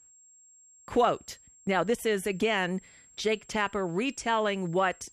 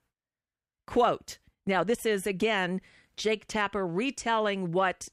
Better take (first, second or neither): second